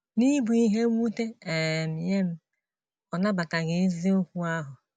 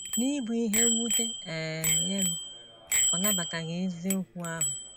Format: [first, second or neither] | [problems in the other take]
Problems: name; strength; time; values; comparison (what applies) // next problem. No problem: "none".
first | background sound (Bicycle bell); 2 dB above the speech